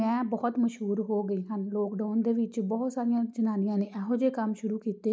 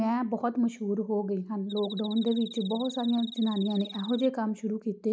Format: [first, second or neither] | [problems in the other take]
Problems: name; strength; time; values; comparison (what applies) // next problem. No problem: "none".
first | background sound (Cricket); 14 dB below the speech